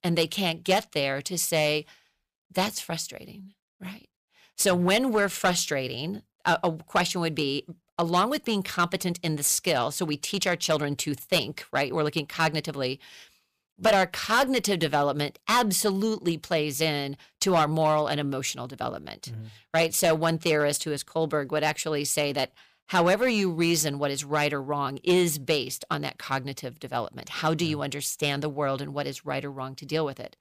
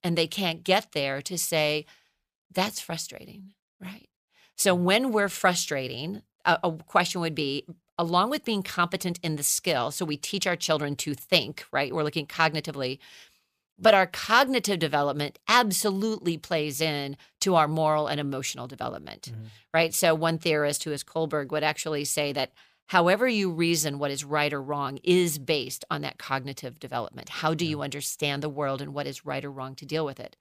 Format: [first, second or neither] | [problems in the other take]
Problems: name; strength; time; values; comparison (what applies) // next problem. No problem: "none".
second | distortion; slight; 3% of the sound clipped